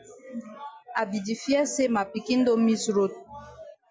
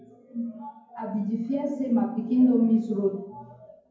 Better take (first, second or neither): first